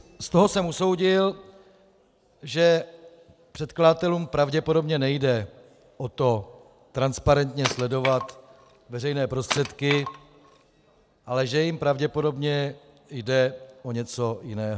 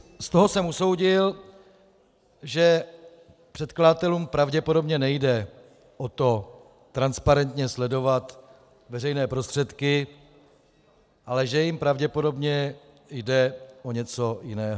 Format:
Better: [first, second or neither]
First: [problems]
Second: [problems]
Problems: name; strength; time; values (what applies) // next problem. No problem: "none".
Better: second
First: background sound (Wood); 9 dB below the speech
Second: none